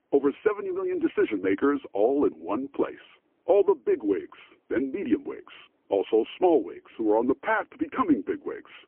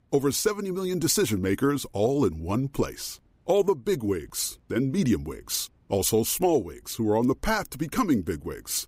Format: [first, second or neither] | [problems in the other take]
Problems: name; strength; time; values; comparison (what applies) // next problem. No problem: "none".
second | phone-call audio; poor line; nothing above 3 kHz